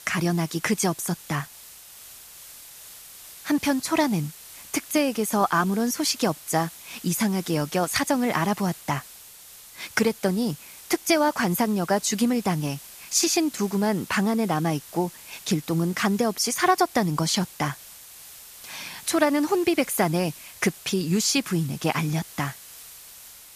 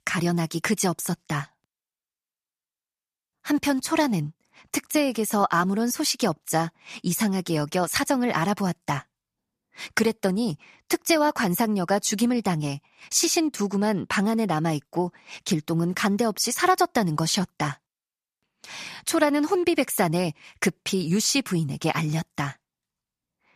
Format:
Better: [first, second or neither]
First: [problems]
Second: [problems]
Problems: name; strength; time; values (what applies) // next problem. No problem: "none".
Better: second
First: hiss; noticeable; throughout; 15 dB below the speech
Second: none